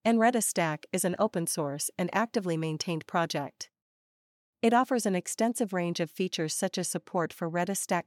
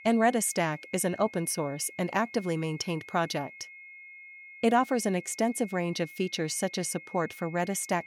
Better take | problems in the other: first | high-pitched whine; noticeable; throughout; 2 kHz, 15 dB below the speech

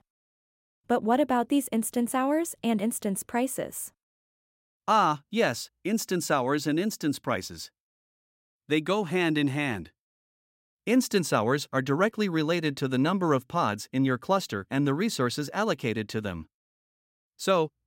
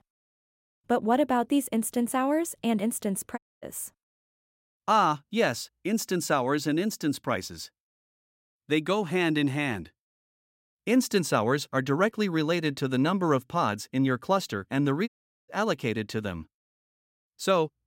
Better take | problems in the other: first | audio cutting out; at 3.5 s and at 15 s

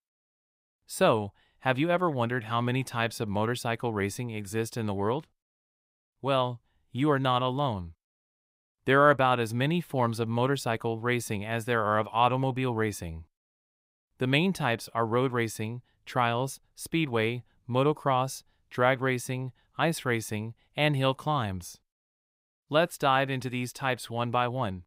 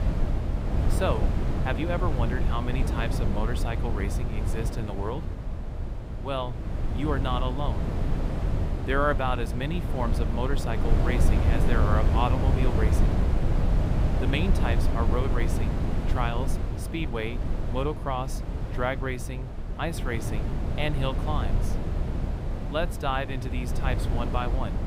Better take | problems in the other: first | wind noise on the microphone; heavy; 5 dB below the speech

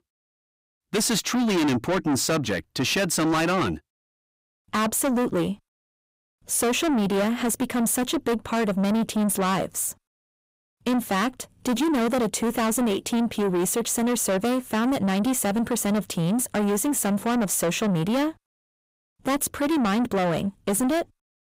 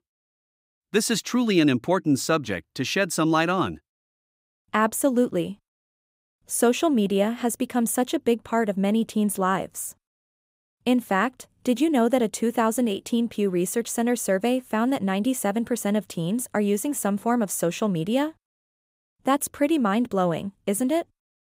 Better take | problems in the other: second | distortion; heavy; 6 dB below the speech

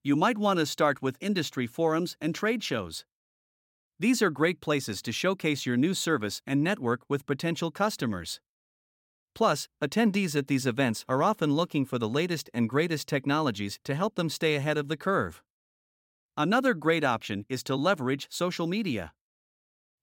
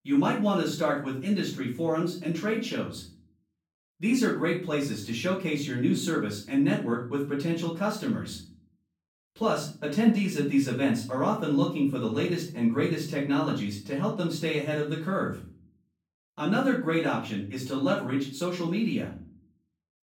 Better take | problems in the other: first | off-mic speech; far // room echo; noticeable; dies away in 0.4 s

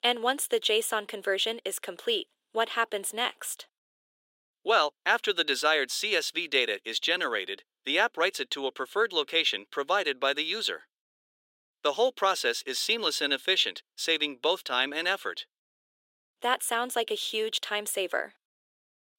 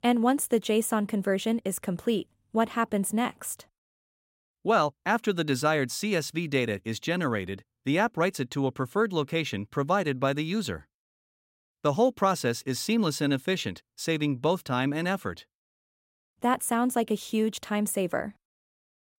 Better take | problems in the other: second | thin; very; fading below 400 Hz

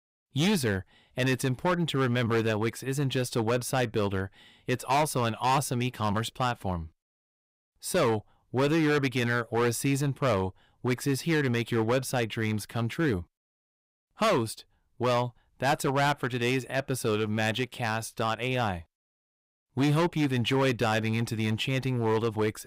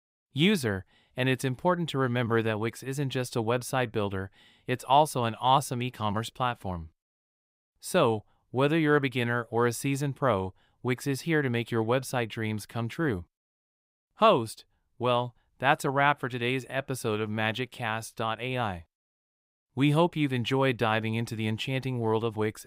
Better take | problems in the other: second | distortion; heavy; 8% of the sound clipped

